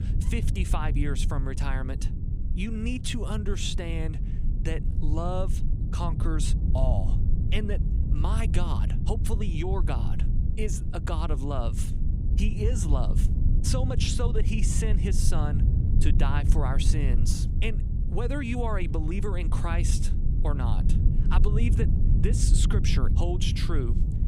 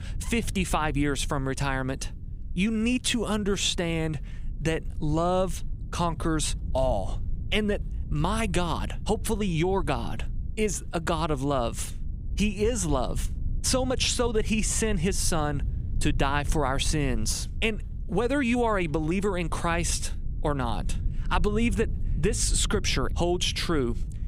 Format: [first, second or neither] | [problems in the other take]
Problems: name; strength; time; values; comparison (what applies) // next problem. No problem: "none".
second | low rumble; loud; throughout; 7 dB below the speech; faint in the second